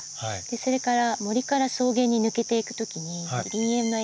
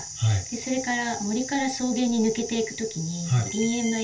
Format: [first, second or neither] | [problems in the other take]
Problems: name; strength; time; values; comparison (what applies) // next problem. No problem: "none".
first | room echo; dies away in 0.2 s